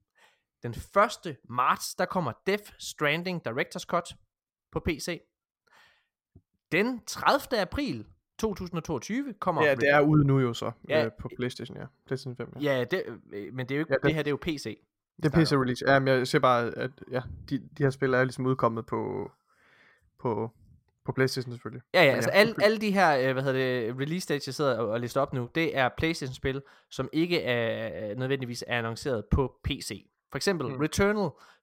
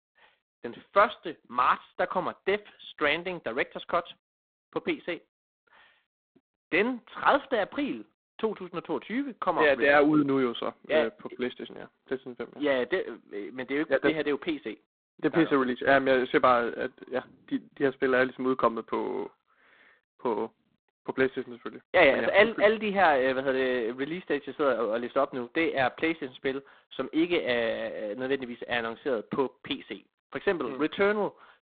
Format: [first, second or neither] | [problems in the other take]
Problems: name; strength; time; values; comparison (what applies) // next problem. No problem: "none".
first | phone-call audio; poor line; nothing above 4 kHz